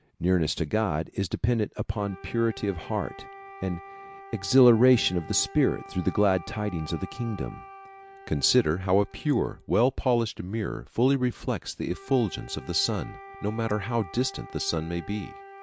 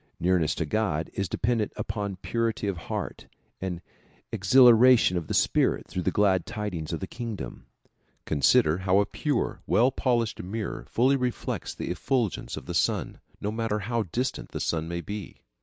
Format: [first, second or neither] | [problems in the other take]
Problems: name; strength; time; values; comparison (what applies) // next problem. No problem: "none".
second | background sound (Wind instrument, woodwind instrument); 19 dB below the speech